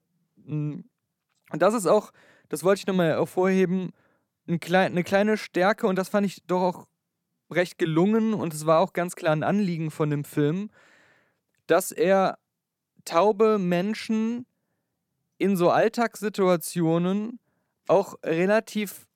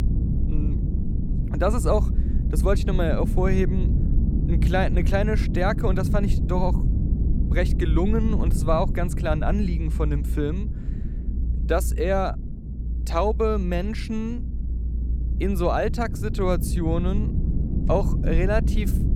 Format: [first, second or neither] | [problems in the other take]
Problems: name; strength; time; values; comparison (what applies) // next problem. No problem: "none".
first | low rumble; noticeable; throughout; 10 dB below the speech